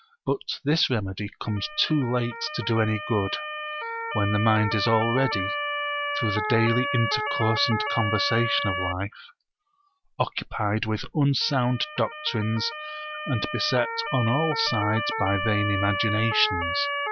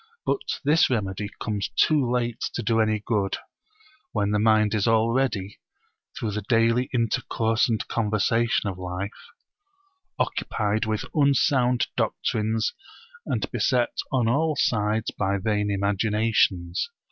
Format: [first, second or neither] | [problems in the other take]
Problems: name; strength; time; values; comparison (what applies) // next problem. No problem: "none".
second | background sound (Motor vehicle (road) / Siren); 5 dB below the speech